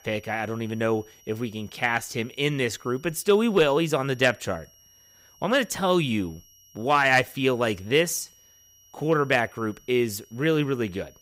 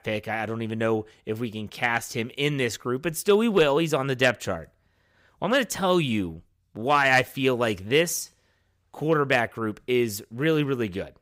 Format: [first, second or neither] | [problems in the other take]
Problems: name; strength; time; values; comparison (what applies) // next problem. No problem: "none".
second | high-pitched whine; faint; throughout; 5.5 kHz, 30 dB below the speech